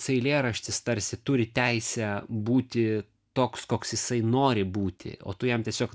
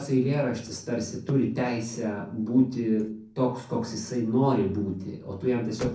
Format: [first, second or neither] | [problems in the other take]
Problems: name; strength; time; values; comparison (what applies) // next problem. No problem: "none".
first | noise reduction (neural separator model SepFormer DNS4)